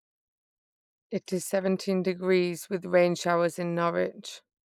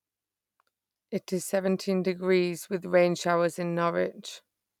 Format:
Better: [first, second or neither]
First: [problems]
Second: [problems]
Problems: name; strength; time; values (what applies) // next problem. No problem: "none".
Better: second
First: noise reduction (neural mask model Resemble Enhance denoiser)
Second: none